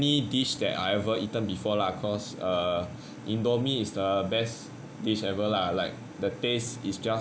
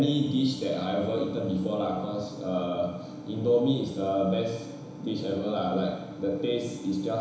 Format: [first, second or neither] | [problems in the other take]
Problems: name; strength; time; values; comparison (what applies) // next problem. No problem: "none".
first | room echo; dies away in 1 s